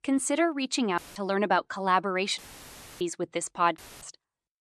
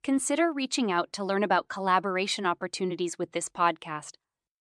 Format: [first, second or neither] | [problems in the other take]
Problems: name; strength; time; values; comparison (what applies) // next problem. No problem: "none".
second | audio cutting out; filled with static; at 1 s, at 2.5 s for 0.5 s and at 4 s